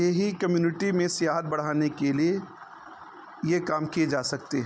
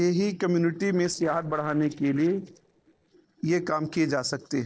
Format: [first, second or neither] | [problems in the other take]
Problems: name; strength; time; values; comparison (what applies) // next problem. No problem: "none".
first | noise reduction (neural separator model SepFormer DNS4)